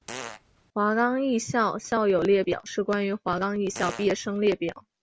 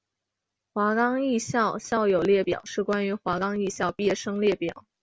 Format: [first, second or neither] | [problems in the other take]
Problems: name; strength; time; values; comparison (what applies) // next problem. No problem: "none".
second | background sound (Fart); 14 dB below the speech